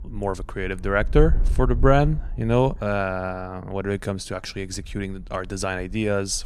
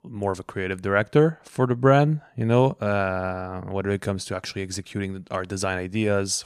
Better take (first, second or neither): second